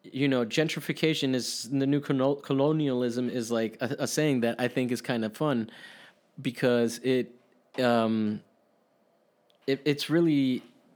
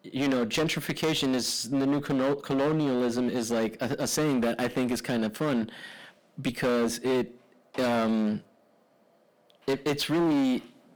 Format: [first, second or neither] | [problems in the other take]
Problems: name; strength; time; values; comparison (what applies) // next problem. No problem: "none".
first | distortion; heavy; 15% of the sound clipped